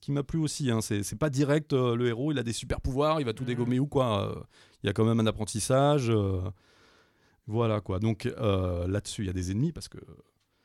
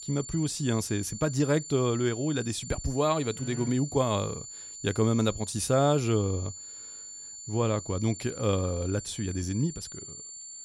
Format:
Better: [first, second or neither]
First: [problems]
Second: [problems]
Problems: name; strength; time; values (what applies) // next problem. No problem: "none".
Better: first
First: none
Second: high-pitched whine; noticeable; throughout; 7 kHz, 10 dB below the speech